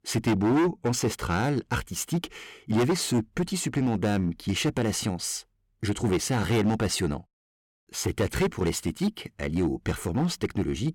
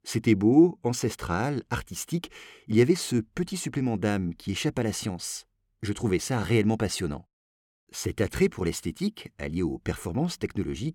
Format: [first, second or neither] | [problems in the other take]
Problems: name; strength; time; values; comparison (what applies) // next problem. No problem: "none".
second | distortion; heavy; 9% of the sound clipped